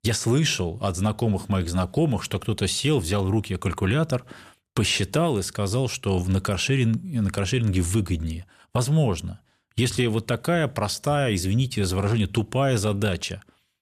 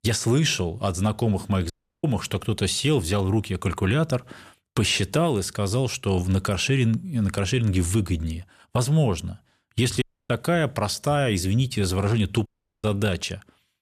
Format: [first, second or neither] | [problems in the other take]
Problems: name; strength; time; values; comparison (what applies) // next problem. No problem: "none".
first | audio cutting out; at 1.5 s, at 10 s and at 12 s